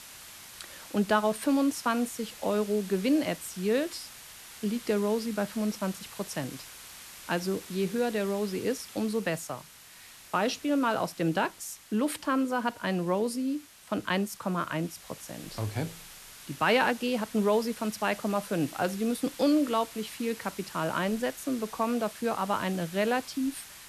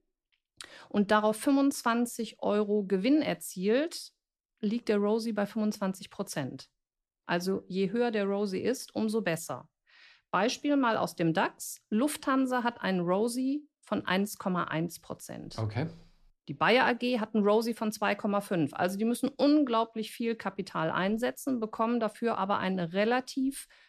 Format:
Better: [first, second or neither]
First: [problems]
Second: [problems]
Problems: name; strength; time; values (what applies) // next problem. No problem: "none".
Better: second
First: hiss; noticeable; throughout; 15 dB below the speech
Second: none